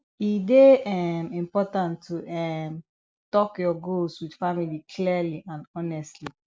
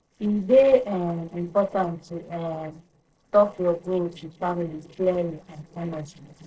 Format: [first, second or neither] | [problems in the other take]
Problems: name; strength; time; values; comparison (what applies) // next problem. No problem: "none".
first | noise reduction (neural separator model SepFormer DNS4)